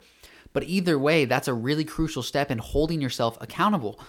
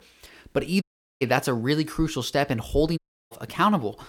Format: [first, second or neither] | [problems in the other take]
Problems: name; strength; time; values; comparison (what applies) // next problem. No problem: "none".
first | audio cutting out; at 1 s and at 3 s